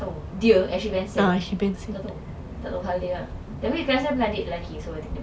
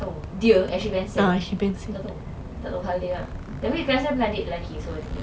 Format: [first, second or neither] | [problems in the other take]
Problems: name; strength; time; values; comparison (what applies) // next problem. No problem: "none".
first | background sound (Zipper (clothing)); 15 dB below the speech